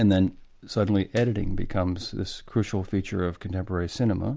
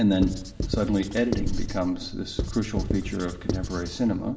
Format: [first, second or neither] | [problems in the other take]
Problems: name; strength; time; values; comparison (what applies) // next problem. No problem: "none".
first | background sound (Writing); 5 dB below the speech // room echo; dies away in 2.6 s